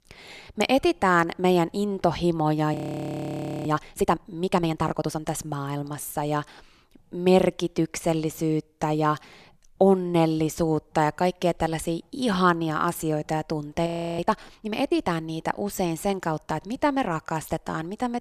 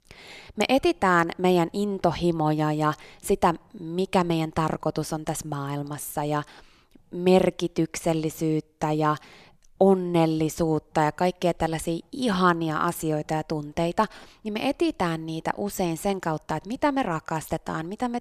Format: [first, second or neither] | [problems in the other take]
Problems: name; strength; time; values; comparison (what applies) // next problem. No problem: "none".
second | audio freezing; at 2.5 s for 1 s and at 14 s